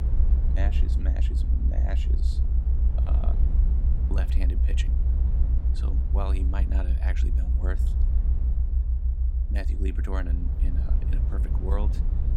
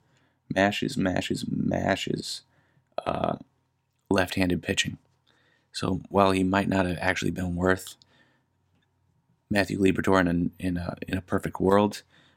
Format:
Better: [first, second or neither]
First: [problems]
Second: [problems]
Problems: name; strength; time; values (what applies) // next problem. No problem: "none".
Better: second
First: low rumble; loud; throughout; 3 dB below the speech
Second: none